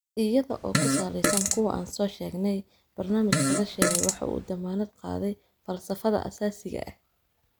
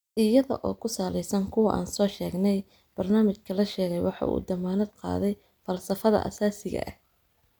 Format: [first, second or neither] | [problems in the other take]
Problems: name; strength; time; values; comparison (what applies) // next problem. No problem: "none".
second | background sound (Fart); 2 dB above the speech